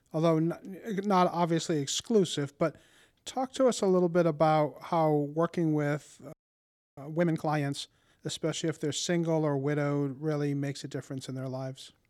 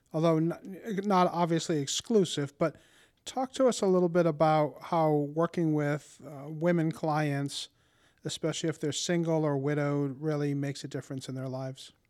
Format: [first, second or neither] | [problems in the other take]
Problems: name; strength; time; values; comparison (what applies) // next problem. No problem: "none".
second | audio freezing; at 6.5 s for 0.5 s